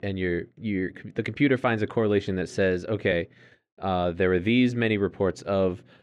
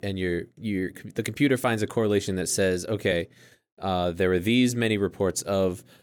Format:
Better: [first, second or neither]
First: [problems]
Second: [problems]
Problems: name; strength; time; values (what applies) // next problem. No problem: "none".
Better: second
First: muffled; slightly; fading above 2.5 kHz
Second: none